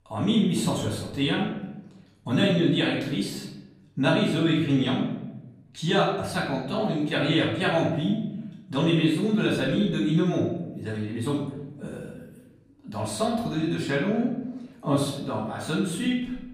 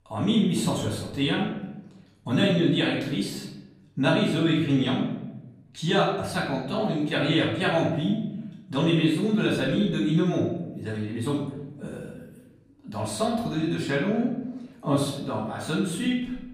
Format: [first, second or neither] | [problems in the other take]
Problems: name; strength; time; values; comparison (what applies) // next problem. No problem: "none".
neither | off-mic speech; far; the same in both // room echo; noticeable; dies away in 0.9 s; the same in both